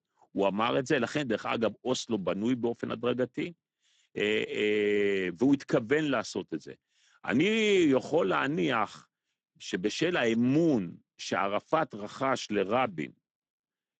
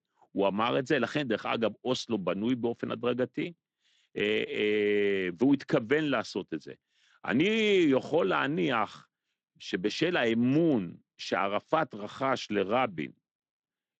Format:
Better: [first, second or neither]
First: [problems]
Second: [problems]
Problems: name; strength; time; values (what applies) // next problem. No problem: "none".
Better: second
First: garbled, watery; badly; nothing above 7.5 kHz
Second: garbled, watery; slightly; nothing above 7.5 kHz